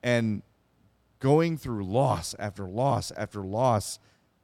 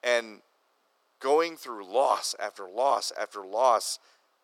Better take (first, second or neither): first